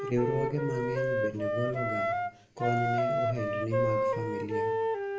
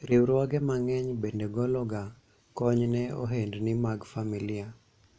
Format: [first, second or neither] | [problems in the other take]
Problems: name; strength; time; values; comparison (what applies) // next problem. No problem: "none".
second | background sound (Wind instrument, woodwind instrument); 3 dB above the speech // room echo; dies away in 0.9 s